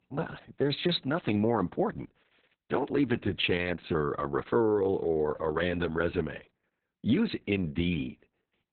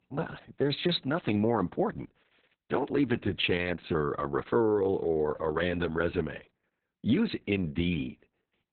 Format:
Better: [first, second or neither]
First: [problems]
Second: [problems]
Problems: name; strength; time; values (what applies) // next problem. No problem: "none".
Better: neither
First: garbled, watery; badly; nothing above 4 kHz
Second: garbled, watery; badly; nothing above 4 kHz